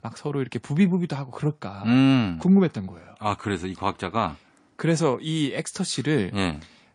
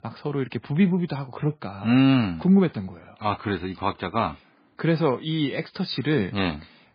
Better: first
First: garbled, watery; slightly; nothing above 10 kHz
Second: garbled, watery; badly; nothing above 4.5 kHz

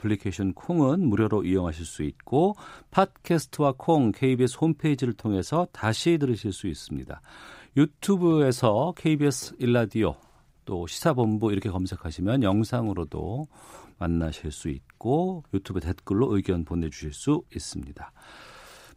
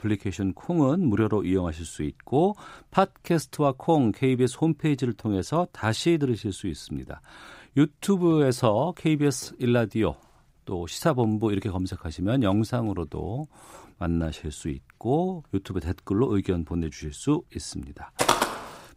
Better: first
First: none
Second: footsteps; loud; at 18 s; peak 3 dB above the speech

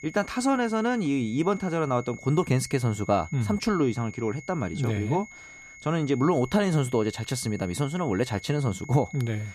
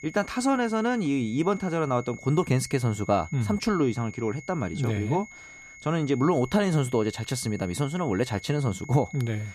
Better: neither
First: high-pitched whine; noticeable; throughout; 2 kHz, 20 dB below the speech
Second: high-pitched whine; noticeable; throughout; 2 kHz, 20 dB below the speech

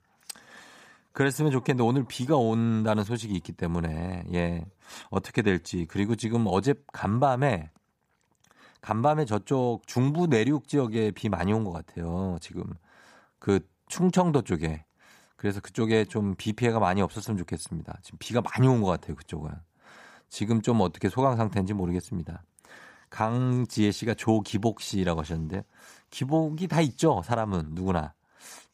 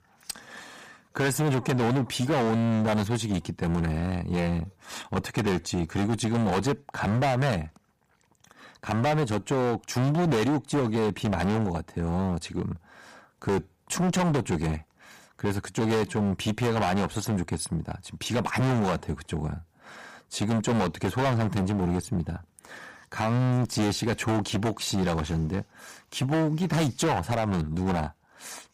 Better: first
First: none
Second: distortion; heavy; 19% of the sound clipped

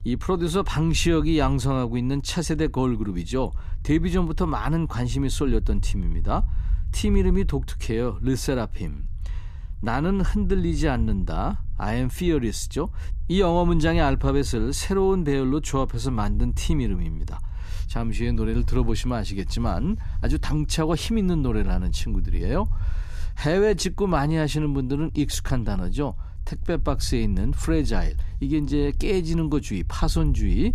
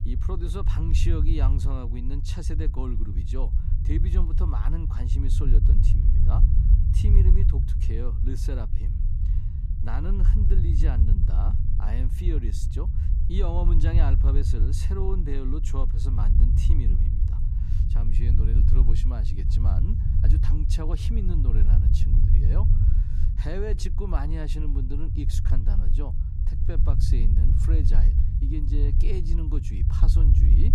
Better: first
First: low rumble; faint; throughout; 25 dB below the speech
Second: low rumble; loud; throughout; 2 dB below the speech

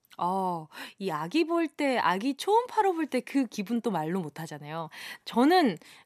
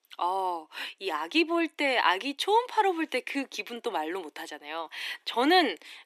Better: first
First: none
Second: thin; somewhat; fading below 300 Hz

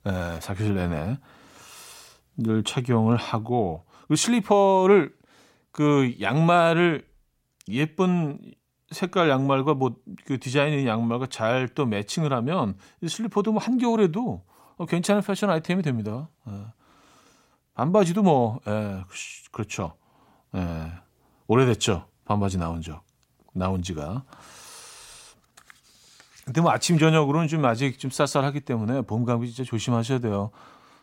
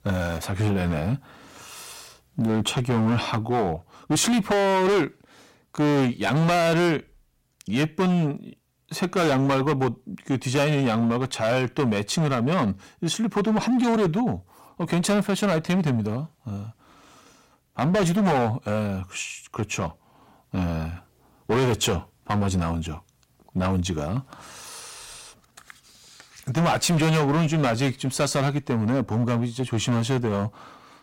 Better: first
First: none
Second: distortion; heavy; 13% of the sound clipped

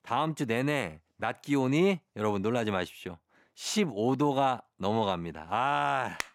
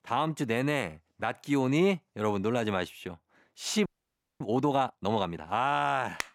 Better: first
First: none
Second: audio freezing; at 4 s for 0.5 s

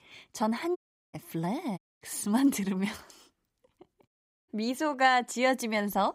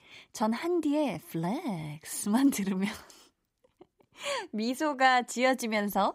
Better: second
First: audio cutting out; at 1 s, at 2 s and at 4 s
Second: none

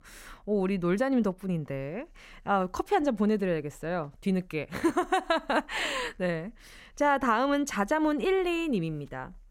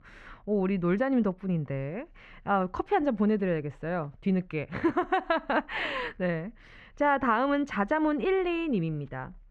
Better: first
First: none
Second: muffled; slightly; fading above 2.5 kHz

